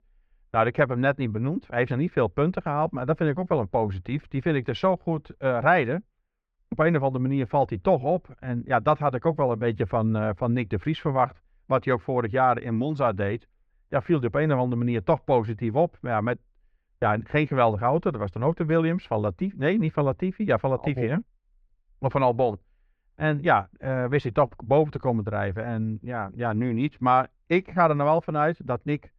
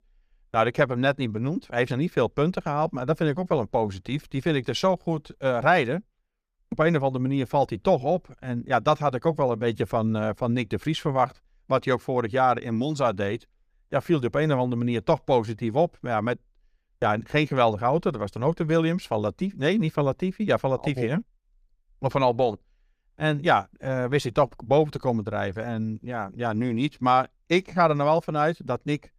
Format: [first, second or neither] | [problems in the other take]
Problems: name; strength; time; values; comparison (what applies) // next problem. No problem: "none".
second | muffled; slightly; fading above 2 kHz